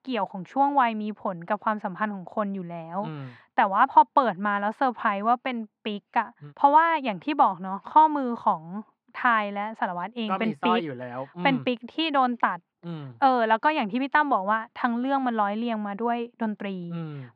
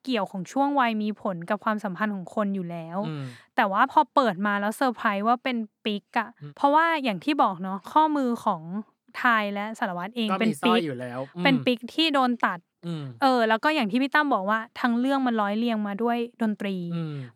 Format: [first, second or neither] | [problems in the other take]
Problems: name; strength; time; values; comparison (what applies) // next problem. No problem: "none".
second | muffled; slightly; fading above 2.5 kHz